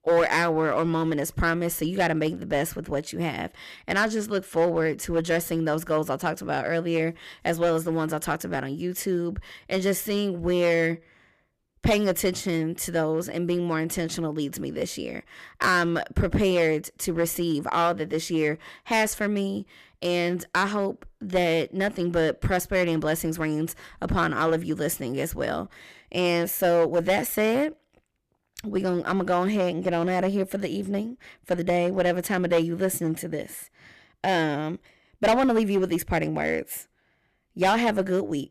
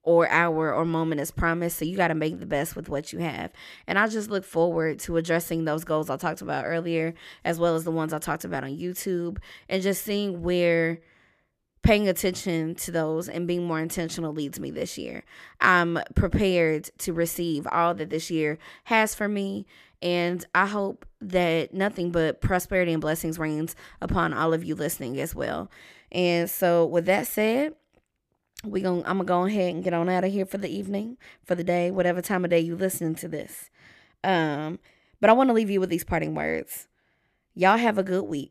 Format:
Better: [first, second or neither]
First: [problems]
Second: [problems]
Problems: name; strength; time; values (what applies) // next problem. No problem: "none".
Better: second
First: distortion; slight; 5% of the sound clipped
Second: none